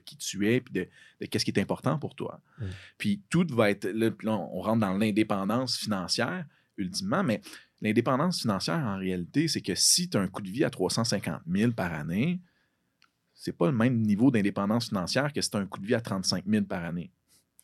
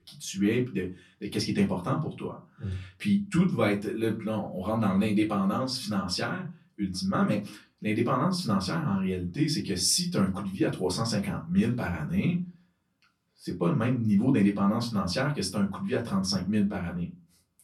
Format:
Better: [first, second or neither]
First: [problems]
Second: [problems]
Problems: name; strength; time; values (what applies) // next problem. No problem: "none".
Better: first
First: none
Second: off-mic speech; far // room echo; very slight; dies away in 0.3 s